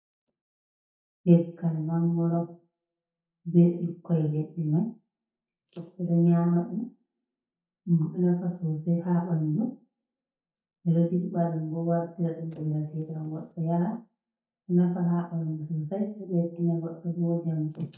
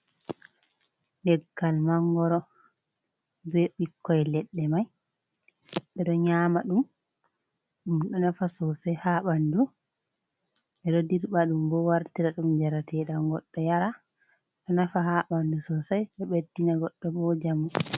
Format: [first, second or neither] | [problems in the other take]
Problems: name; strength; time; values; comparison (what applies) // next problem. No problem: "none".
second | noise reduction (neural mask model DeepFilterNet 3)